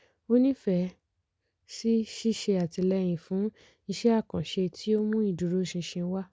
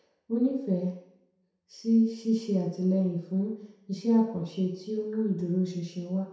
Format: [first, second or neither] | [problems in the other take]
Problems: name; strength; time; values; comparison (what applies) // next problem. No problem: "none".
first | room echo; dies away in 0.7 s